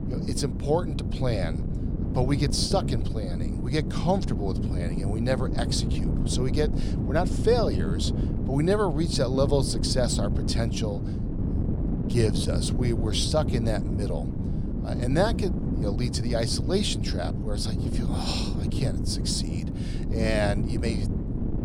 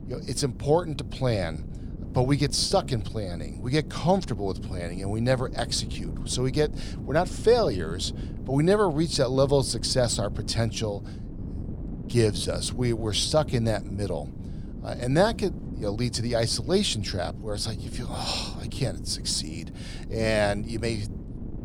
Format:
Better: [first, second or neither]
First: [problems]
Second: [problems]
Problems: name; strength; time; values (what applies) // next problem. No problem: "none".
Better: second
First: wind noise on the microphone; heavy; 8 dB below the speech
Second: wind noise on the microphone; occasional gusts; 20 dB below the speech